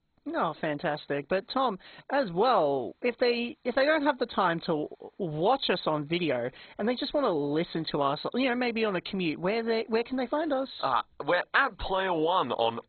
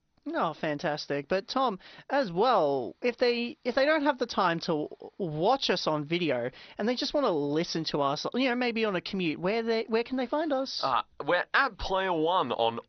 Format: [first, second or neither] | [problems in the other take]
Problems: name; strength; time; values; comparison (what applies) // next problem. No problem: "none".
second | garbled, watery; badly; nothing above 4 kHz; slightly in the second